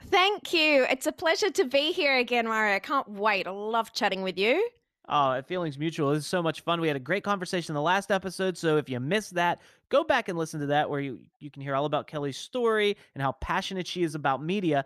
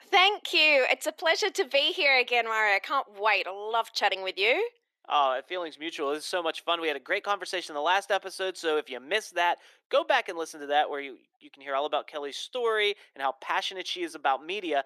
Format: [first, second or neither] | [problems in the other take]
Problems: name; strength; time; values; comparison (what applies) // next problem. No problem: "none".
first | thin; very; fading below 350 Hz